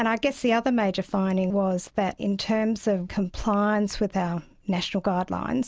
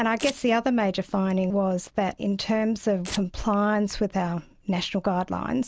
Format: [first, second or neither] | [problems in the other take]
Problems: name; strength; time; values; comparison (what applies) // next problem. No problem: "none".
first | background sound (Domestic sounds, home sounds); 14 dB below the speech